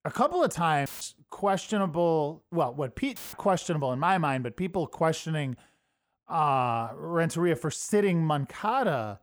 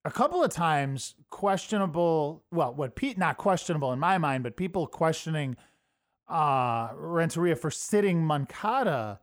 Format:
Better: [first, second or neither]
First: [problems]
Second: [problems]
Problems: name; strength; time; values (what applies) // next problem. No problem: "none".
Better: second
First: audio cutting out; filled with static; at 1 s and at 3 s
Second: none